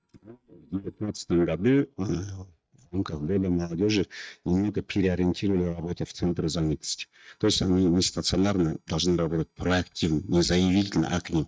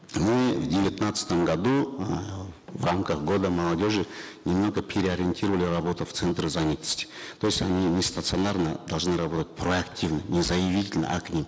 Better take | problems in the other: second | noise reduction (neural mask model DeepFilterNet 3)

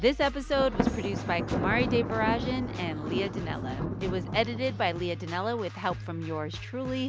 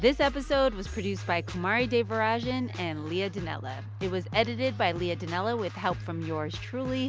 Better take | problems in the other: second | background sound (Thunder); 5 dB below the speech

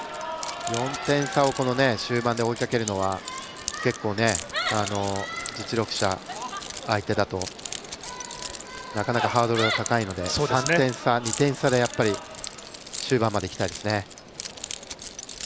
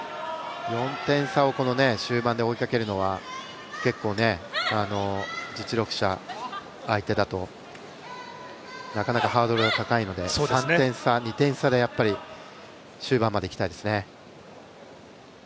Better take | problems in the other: second | background sound (Keys jangling); 12 dB below the speech

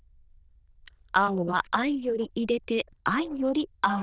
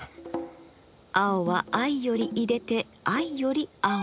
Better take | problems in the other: second | noise reduction (neural diffusion model UNIVERSE++)

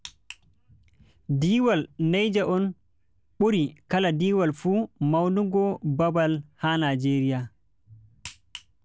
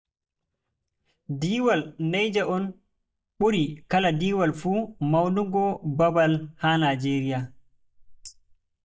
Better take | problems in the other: first | noise reduction (neural mask model DeepFilterNet 3)

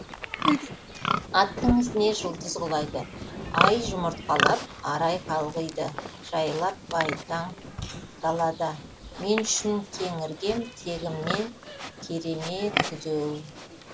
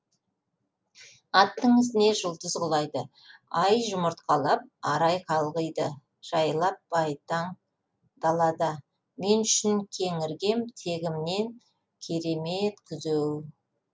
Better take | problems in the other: second | background sound (Livestock, farm animals, working animals); 3 dB below the speech

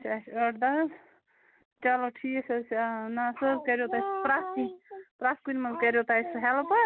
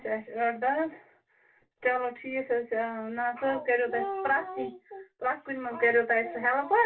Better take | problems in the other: first | room echo; dies away in 0.2 s

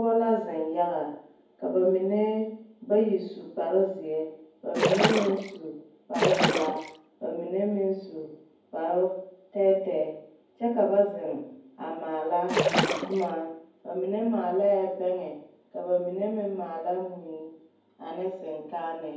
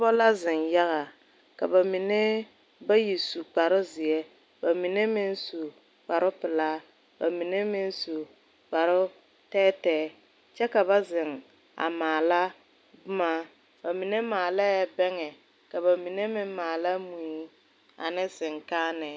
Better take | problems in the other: second | background sound (Splash, splatter); 2 dB above the speech // room echo; dies away in 0.9 s

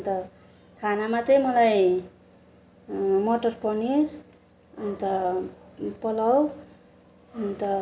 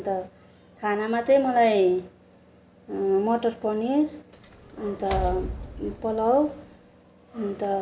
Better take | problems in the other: first | background sound (Door); 11 dB below the speech

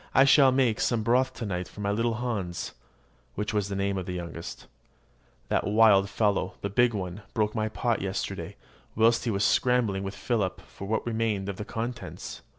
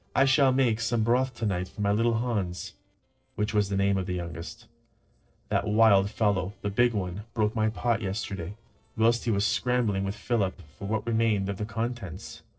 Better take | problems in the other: first | noise reduction (neural separator model SepFormer DNS4)

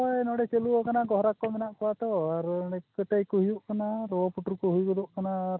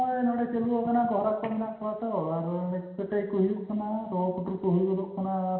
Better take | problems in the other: first | room echo; dies away in 1.1 s

